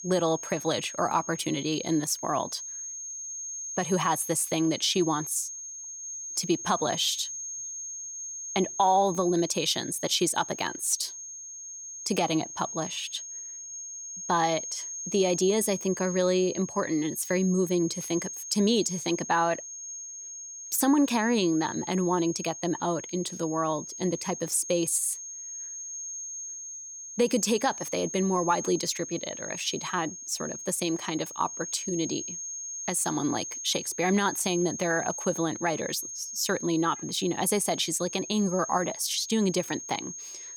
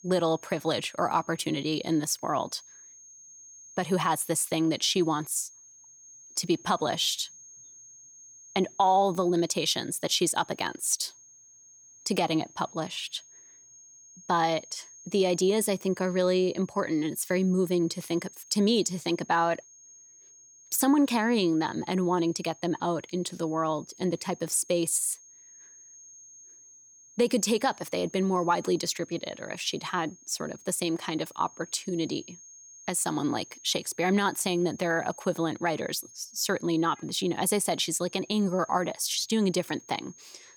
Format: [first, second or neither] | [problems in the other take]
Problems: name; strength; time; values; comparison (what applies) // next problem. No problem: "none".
second | high-pitched whine; loud; throughout; 6.5 kHz, 8 dB below the speech; faint in the second